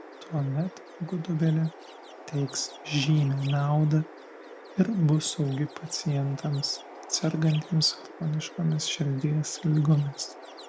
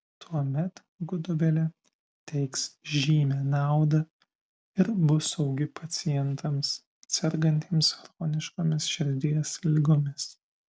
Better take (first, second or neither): second